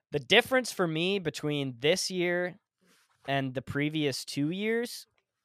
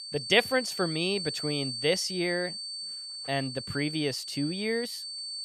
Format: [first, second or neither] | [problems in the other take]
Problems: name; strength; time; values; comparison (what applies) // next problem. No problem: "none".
first | high-pitched whine; loud; throughout; 4.5 kHz, 5 dB below the speech